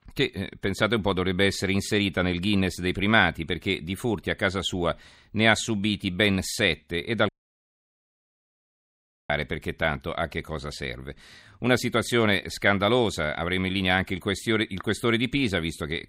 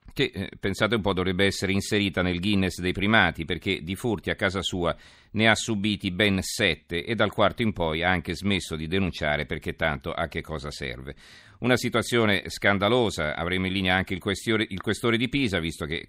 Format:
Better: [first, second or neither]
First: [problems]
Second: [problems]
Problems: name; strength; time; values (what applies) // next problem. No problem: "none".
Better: second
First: audio cutting out; at 7.5 s for 2 s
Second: none